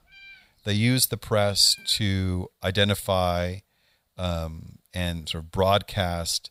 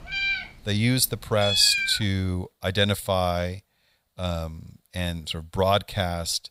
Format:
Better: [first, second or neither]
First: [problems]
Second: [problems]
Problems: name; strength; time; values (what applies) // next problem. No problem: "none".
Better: first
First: animal sounds; faint; until 2 s; 25 dB below the speech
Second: animal sounds; loud; until 2 s; 2 dB below the speech